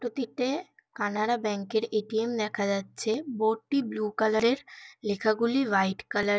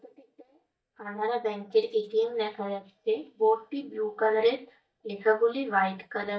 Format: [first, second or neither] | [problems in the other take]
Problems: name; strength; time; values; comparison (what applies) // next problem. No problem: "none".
first | noise reduction (neural mask model DeepFilterNet 3)